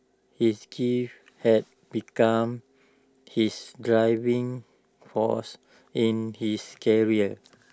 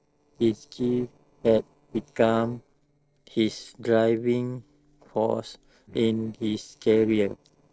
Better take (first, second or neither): first